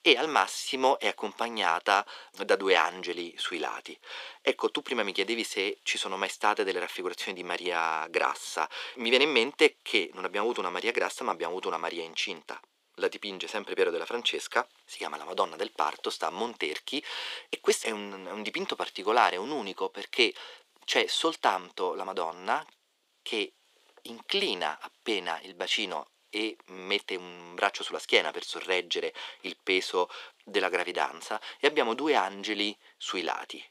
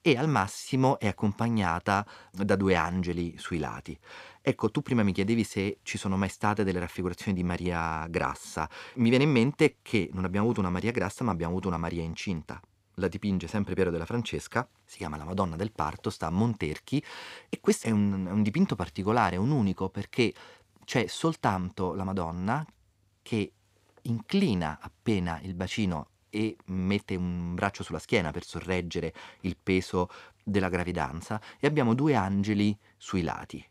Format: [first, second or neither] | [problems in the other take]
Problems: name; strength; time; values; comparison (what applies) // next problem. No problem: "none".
second | thin; very; fading below 350 Hz